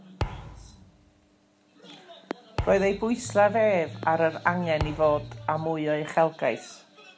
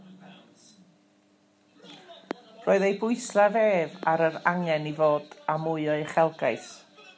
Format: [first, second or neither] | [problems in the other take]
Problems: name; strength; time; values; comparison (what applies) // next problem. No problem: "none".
second | background sound (Thump, thud + Bass guitar); 11 dB below the speech